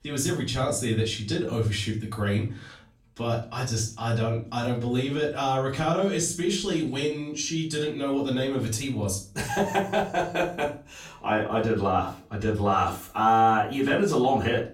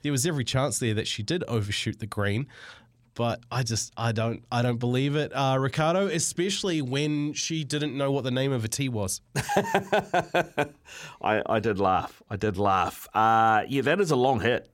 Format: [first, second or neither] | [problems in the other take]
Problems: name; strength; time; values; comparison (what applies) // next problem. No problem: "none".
second | off-mic speech; far // room echo; slight; dies away in 0.3 s